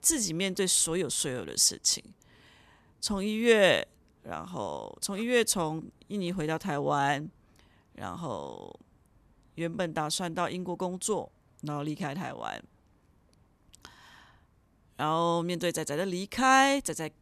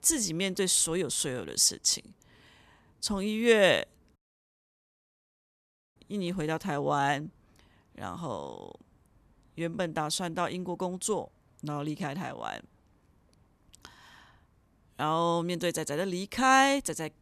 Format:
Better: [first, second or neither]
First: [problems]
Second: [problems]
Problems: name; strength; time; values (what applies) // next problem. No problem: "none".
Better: first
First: none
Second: audio cutting out; at 4 s for 2 s